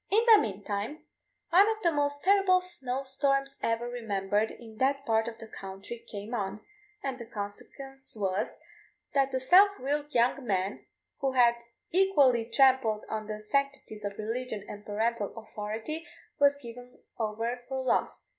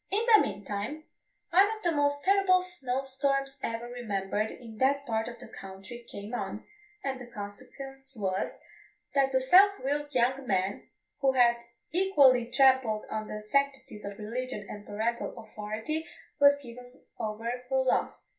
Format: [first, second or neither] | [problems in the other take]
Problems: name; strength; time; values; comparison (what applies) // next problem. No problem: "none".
first | room echo; dies away in 0.2 s